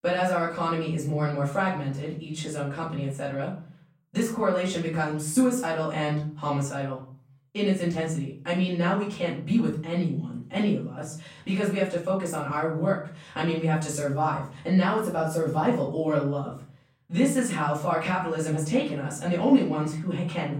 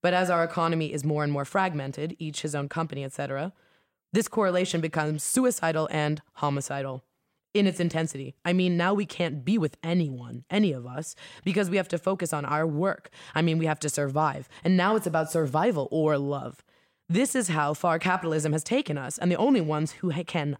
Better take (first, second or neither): second